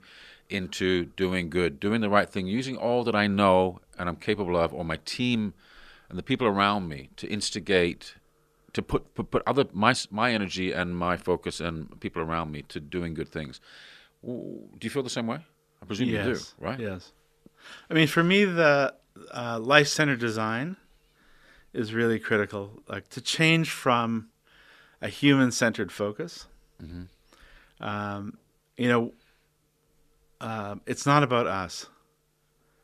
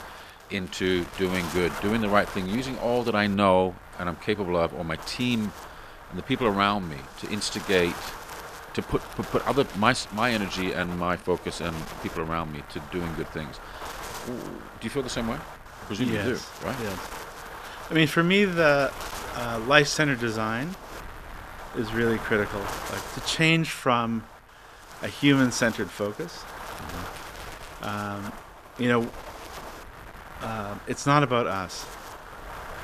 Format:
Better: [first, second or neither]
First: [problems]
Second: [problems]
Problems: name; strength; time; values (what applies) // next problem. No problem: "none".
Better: first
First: none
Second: wind noise on the microphone; occasional gusts; 10 dB below the speech